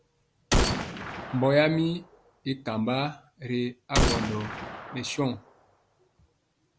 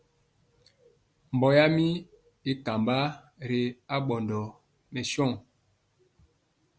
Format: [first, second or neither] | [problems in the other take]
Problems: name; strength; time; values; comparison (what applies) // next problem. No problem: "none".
second | background sound (Gunshot, gunfire); 1 dB below the speech